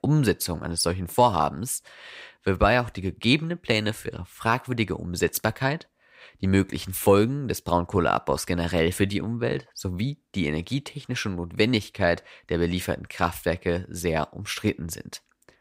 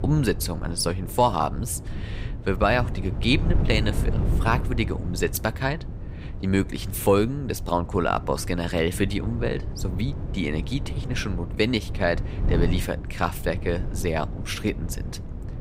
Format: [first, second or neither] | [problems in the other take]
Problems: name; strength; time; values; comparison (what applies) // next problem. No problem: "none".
first | wind noise on the microphone; occasional gusts; 15 dB below the speech